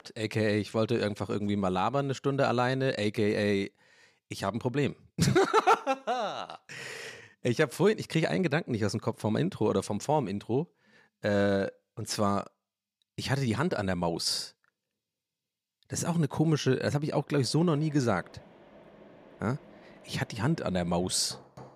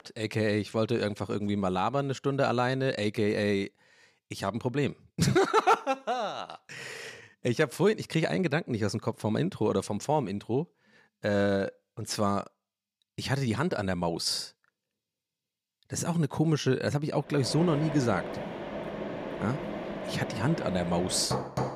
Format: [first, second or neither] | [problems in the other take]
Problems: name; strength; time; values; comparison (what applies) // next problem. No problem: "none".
first | machinery noise; loud; from 17 s on; 7 dB below the speech; faint in the first